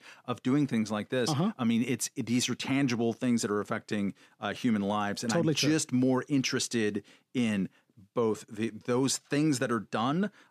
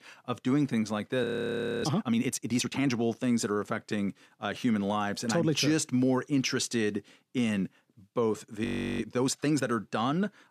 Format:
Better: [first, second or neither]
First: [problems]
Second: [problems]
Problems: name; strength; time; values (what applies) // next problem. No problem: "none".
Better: first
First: none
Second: audio freezing; at 1 s for 0.5 s and at 8.5 s